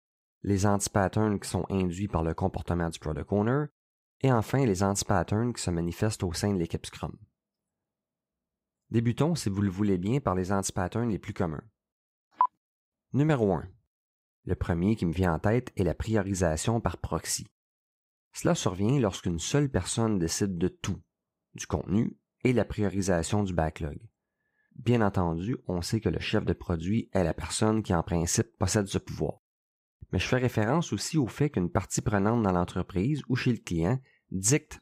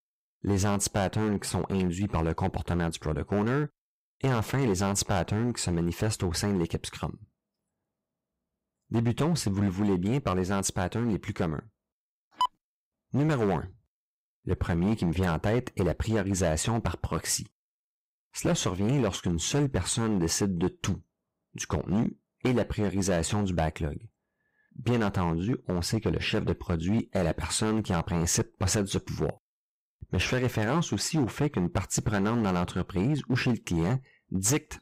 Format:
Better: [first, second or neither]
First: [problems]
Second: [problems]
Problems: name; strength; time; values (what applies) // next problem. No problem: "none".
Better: first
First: none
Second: distortion; heavy; 8% of the sound clipped